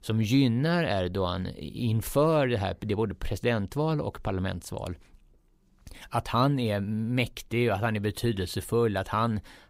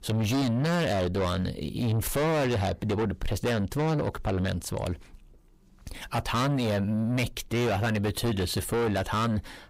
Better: first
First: none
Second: distortion; heavy; 6 dB below the speech

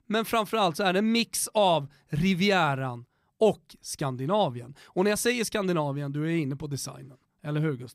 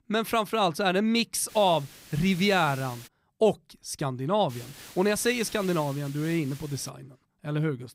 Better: first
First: none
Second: hiss; noticeable; from 1.5 to 3 s and from 4.5 to 7 s; 20 dB below the speech

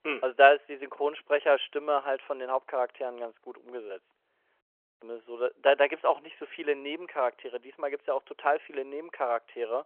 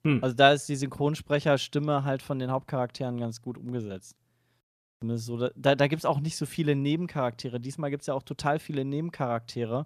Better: second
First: phone-call audio; nothing above 3 kHz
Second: none

